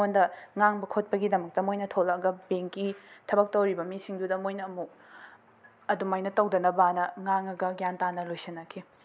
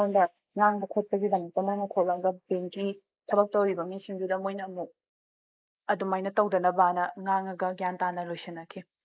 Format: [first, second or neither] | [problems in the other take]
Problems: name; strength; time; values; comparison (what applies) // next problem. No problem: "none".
first | noise reduction (neural mask model Resemble Enhance denoiser)